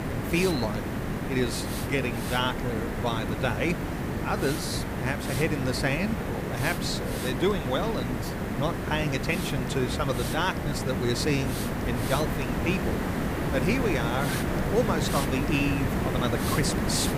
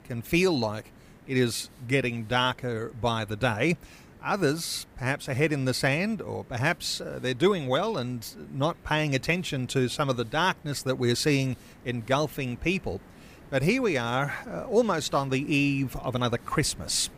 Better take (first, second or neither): second